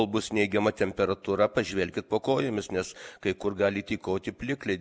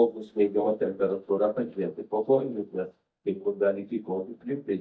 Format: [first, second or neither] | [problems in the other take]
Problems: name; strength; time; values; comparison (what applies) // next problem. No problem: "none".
first | noise reduction (neural mask model DeepFilterNet 3)